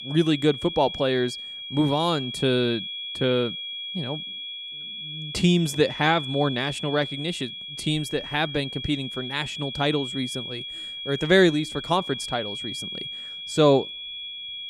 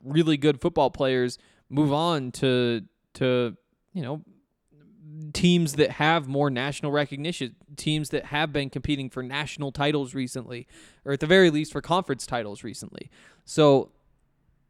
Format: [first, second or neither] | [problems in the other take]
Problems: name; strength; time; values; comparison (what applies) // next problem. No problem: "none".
second | high-pitched whine; loud; throughout; 3.5 kHz, 8 dB below the speech